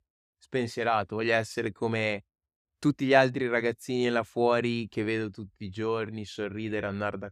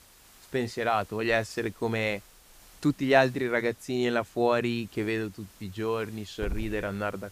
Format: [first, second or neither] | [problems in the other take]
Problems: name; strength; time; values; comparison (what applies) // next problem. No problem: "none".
first | hiss; faint; throughout; 20 dB below the speech